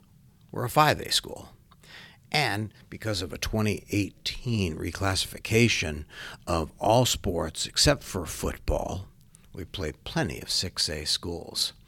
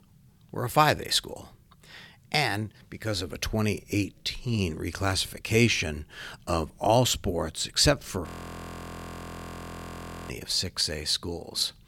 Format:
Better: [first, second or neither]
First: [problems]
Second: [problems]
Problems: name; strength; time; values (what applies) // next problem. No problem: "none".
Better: first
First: none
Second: audio freezing; at 8.5 s for 2 s